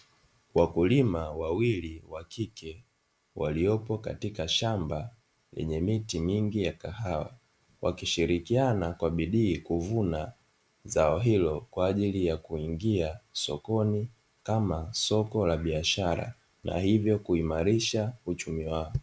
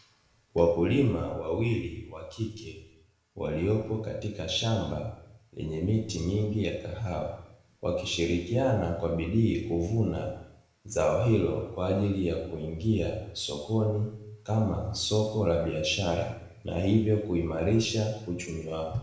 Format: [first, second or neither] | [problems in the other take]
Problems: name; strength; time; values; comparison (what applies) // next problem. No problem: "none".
first | room echo; dies away in 0.8 s